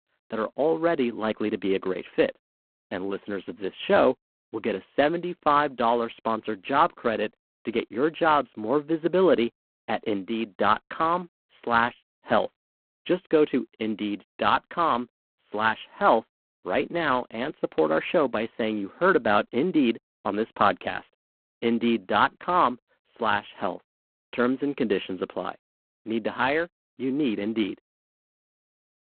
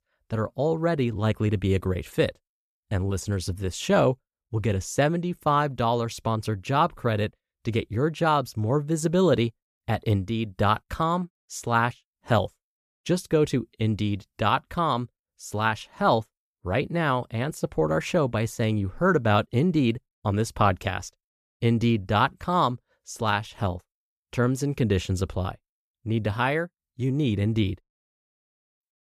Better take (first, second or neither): second